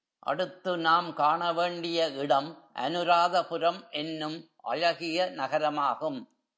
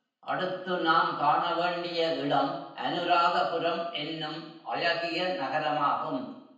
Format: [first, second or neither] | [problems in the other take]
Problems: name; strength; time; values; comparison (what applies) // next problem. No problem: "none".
first | room echo; dies away in 0.9 s